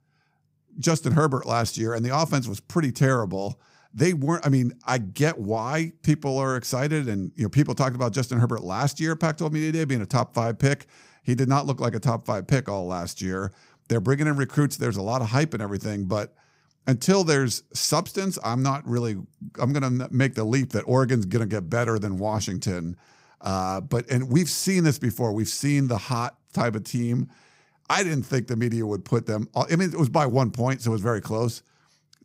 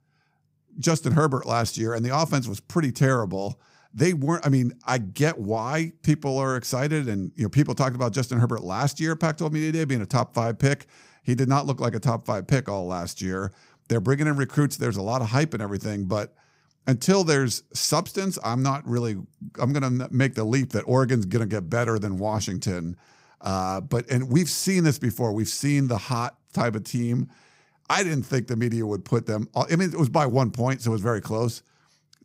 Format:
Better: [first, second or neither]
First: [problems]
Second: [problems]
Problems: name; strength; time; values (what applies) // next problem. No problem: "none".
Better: neither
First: none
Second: none